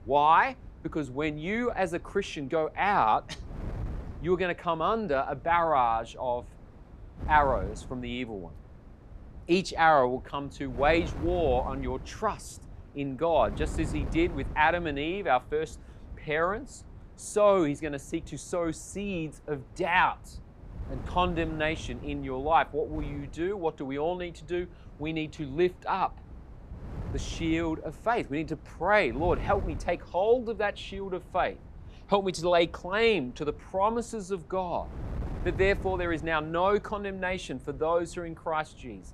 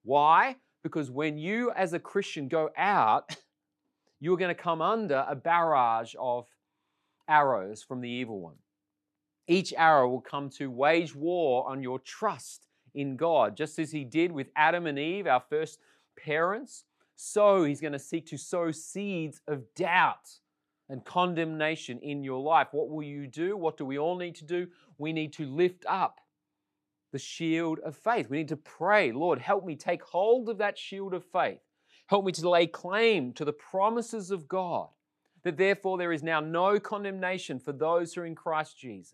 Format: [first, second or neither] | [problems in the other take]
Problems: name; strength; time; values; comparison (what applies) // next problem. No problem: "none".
second | wind noise on the microphone; occasional gusts; 25 dB below the speech